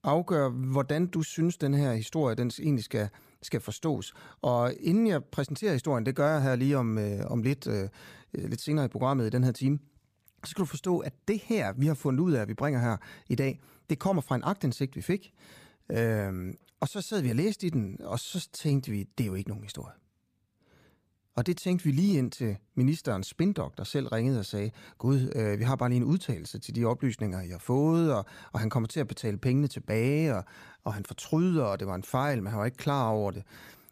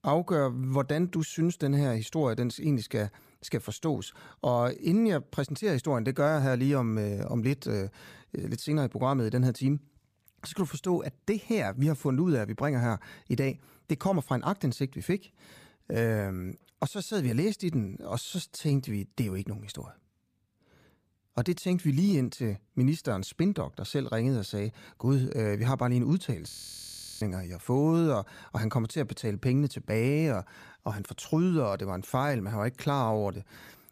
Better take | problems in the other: first | audio freezing; at 26 s for 0.5 s

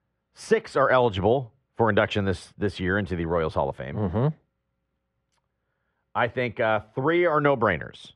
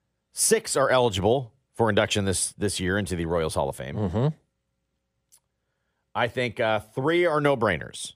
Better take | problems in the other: second | muffled; very; fading above 2.5 kHz

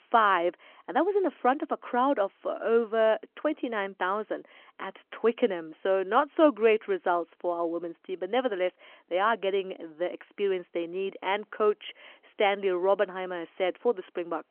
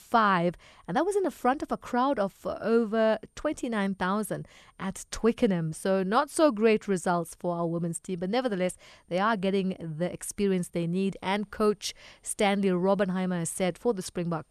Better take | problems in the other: second | phone-call audio

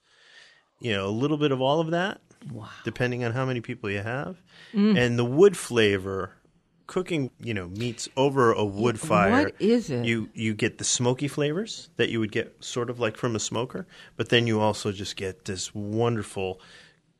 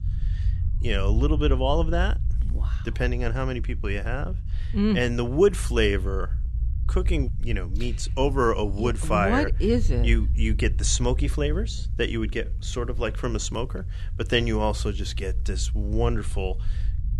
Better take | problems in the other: first | low rumble; noticeable; throughout; 20 dB below the speech

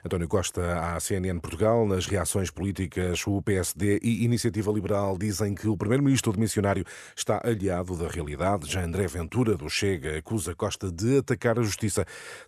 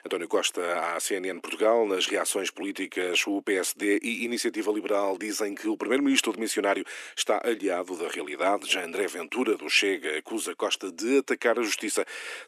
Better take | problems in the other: first | thin; somewhat; fading below 300 Hz

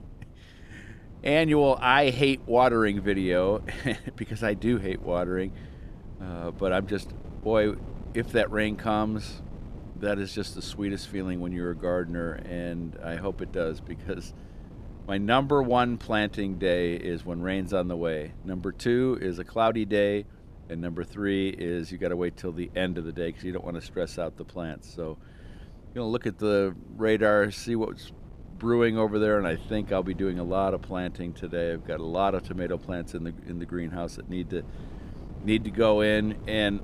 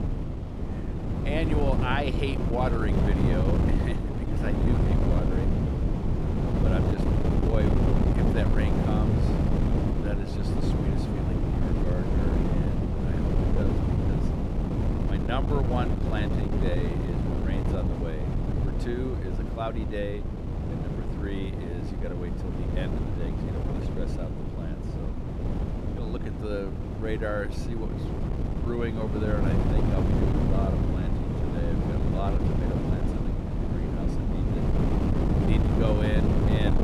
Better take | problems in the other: first | wind noise on the microphone; heavy; 1 dB above the speech; occasional gusts in the first

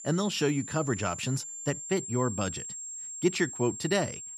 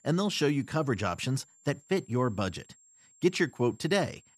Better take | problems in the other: second | high-pitched whine; loud; throughout; 7.5 kHz, 7 dB below the speech; faint in the second

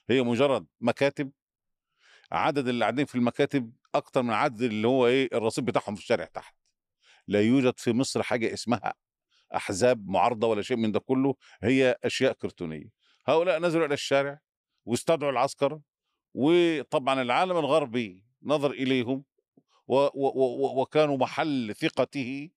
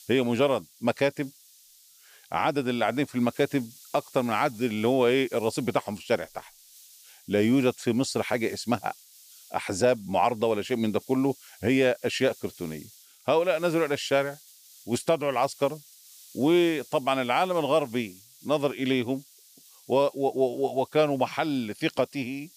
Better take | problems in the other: first | hiss; faint; throughout; 25 dB below the speech

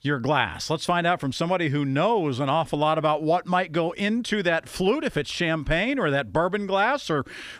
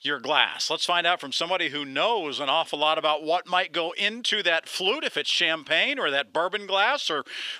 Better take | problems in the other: first | thin; somewhat; fading below 450 Hz

